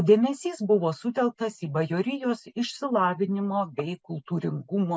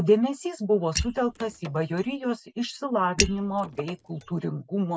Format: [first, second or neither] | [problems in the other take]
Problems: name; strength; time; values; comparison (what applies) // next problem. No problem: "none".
first | noise reduction (neural mask model Resemble Enhance denoiser)